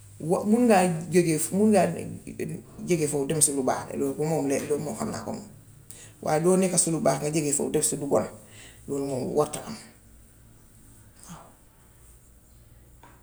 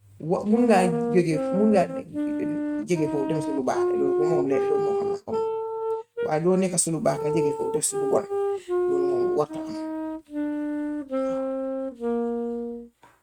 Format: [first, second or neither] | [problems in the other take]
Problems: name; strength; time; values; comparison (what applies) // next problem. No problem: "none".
first | noise reduction (neural mask model RNNoise)